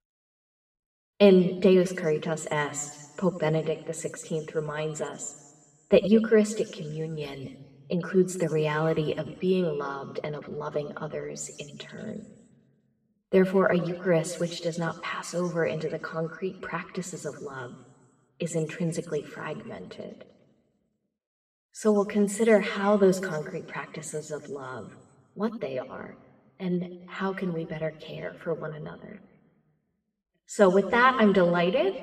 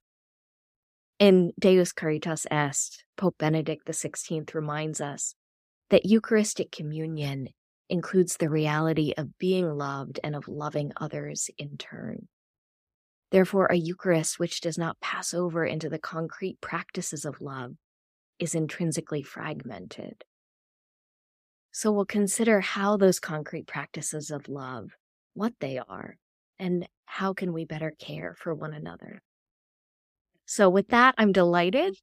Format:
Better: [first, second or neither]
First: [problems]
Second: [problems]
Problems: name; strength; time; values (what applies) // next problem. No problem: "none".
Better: second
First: room echo; slight; dies away in 1.4 s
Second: none